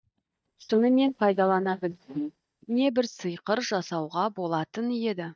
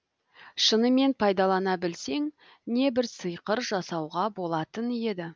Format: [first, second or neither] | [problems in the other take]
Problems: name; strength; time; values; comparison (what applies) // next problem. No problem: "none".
second | noise reduction (neural mask model DeepFilterNet 3)